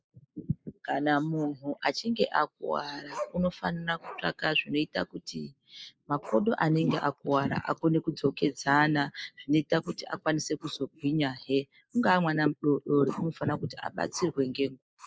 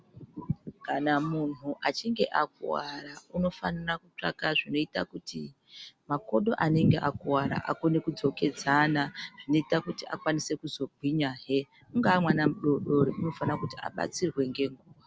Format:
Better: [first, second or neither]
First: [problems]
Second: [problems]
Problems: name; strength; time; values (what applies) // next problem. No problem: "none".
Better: second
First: noise reduction (neural mask model Resemble Enhance denoiser)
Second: none